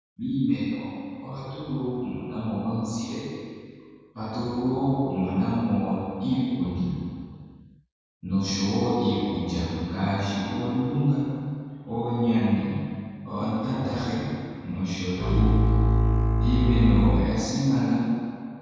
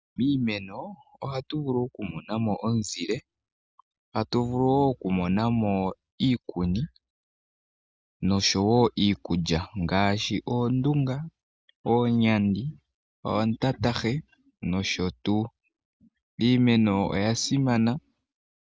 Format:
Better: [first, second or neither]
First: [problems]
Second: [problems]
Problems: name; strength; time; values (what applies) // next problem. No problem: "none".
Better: second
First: background sound (Bowed string instrument); 5 dB above the speech // room echo; dies away in 2.1 s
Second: none